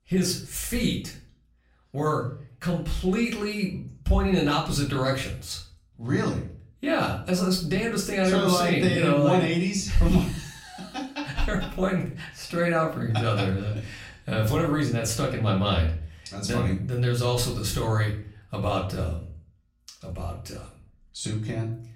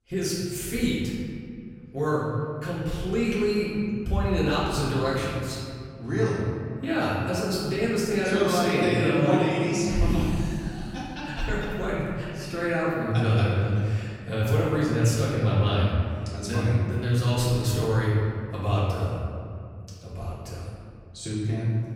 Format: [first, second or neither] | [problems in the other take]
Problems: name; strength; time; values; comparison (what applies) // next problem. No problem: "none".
first | room echo; strong; dies away in 2.2 s; slight in the first // off-mic speech; far; far in the first